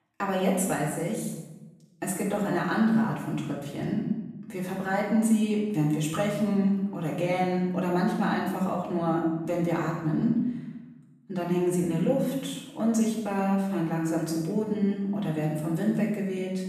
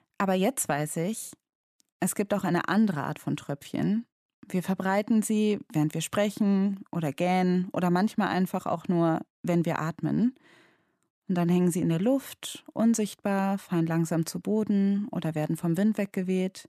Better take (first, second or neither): second